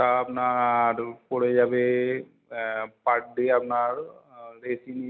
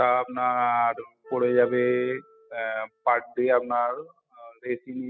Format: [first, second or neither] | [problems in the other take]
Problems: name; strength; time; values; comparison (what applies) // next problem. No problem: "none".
first | noise reduction (classical method spectral subtraction)